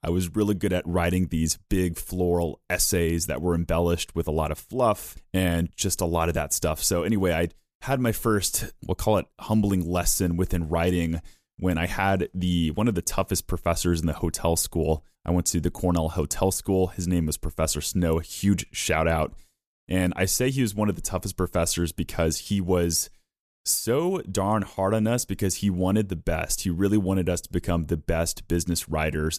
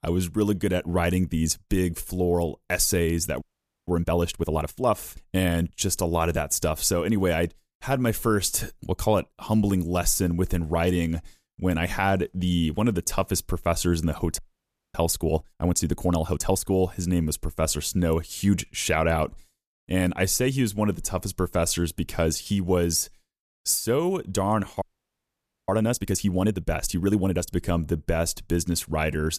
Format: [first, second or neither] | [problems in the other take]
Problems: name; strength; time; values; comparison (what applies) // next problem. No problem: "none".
first | audio freezing; at 3.5 s, at 14 s for 0.5 s and at 25 s for 1 s